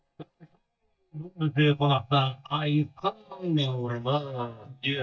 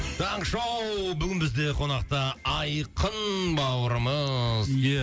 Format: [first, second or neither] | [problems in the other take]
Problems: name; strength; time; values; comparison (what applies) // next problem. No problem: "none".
second | noise reduction (neural mask model DeepFilterNet 3)